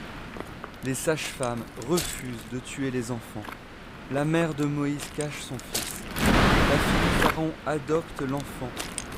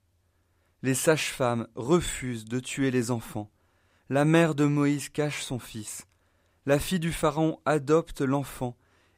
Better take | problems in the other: second | wind noise on the microphone; heavy; 3 dB above the speech

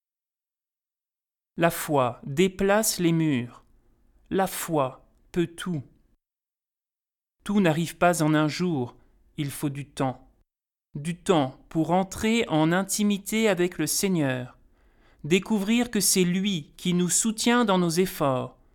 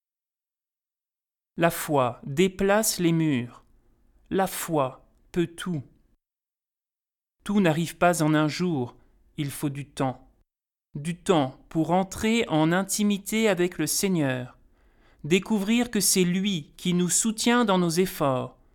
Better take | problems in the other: neither | none

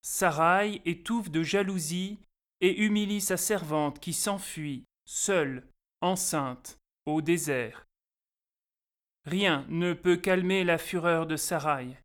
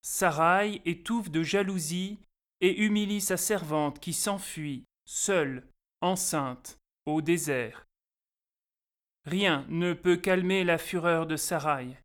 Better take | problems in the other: neither | none

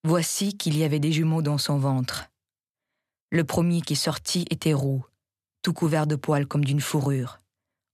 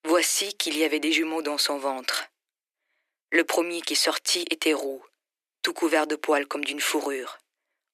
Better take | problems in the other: first | thin; very; fading below 300 Hz

